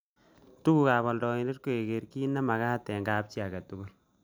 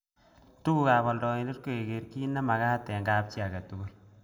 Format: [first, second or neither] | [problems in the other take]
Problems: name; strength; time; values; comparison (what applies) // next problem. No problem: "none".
first | room echo; dies away in 0.6 s